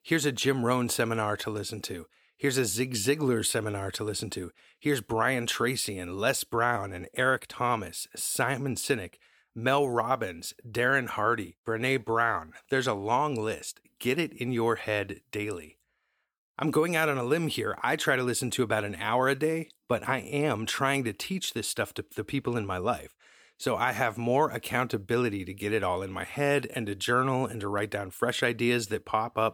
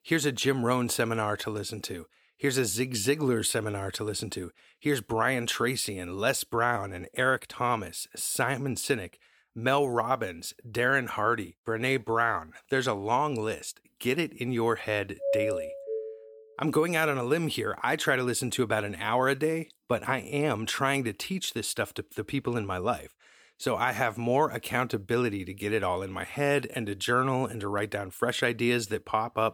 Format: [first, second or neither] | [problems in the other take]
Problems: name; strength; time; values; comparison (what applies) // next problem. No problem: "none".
first | doorbell; loud; at 15 s; peak level with the speech